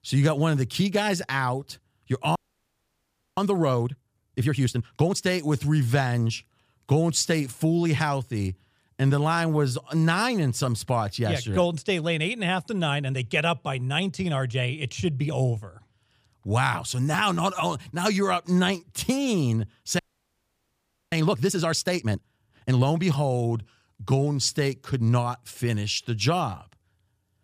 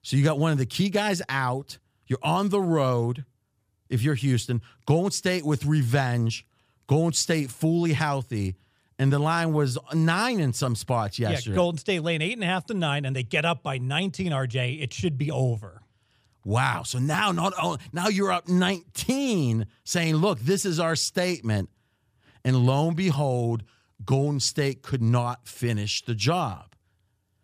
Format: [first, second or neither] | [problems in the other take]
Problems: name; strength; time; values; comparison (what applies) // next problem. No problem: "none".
second | audio freezing; at 2.5 s for 1 s and at 20 s for 1 s